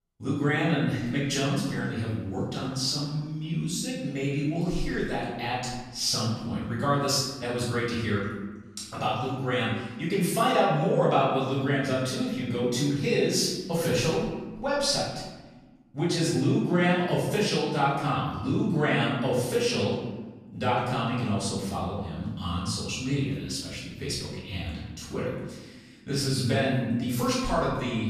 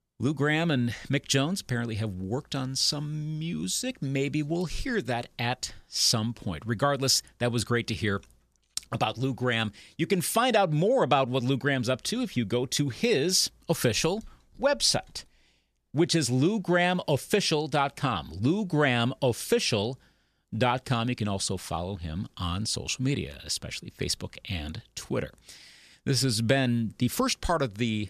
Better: second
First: room echo; noticeable; dies away in 1.1 s // off-mic speech; far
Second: none

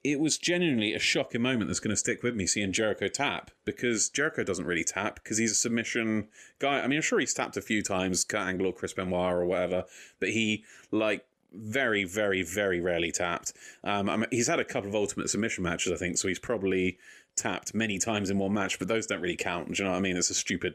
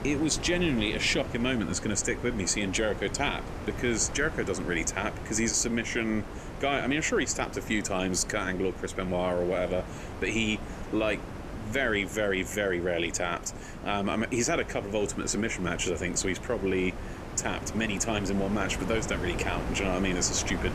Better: first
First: none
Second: wind noise on the microphone; occasional gusts; 10 dB below the speech

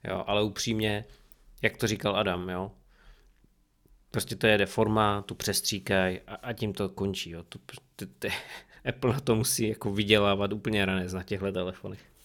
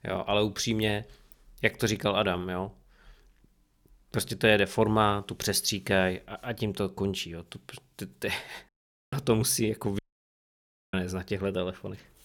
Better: first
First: none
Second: audio cutting out; at 8.5 s and at 10 s for 1 s

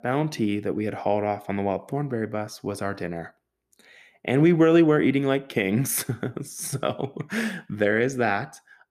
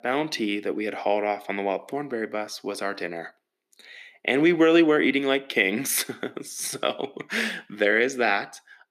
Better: first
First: none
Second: thin; very slightly; fading below 250 Hz

